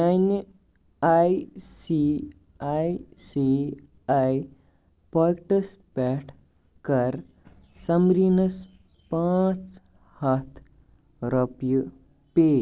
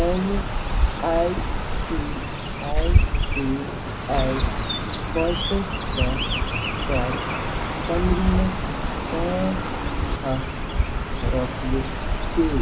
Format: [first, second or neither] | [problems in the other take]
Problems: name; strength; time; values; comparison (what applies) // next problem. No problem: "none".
first | background sound (Chirp, tweet); 4 dB above the speech // room echo; dies away in 0.2 s